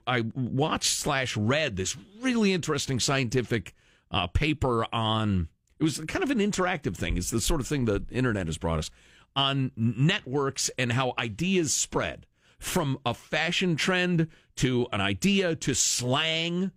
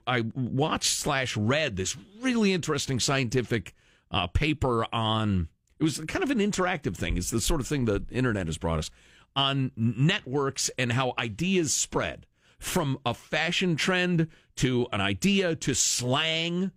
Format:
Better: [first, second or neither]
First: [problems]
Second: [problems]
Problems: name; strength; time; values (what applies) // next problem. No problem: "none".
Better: neither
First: none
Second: none